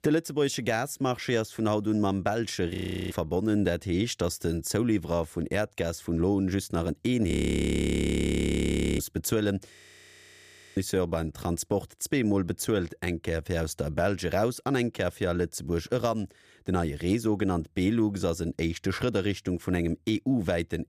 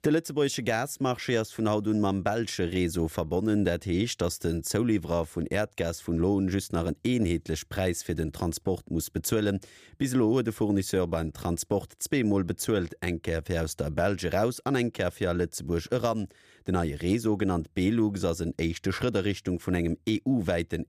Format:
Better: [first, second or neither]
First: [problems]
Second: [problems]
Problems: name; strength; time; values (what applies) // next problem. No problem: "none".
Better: second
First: audio freezing; at 3 s, at 7.5 s for 1.5 s and at 10 s for 1 s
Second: none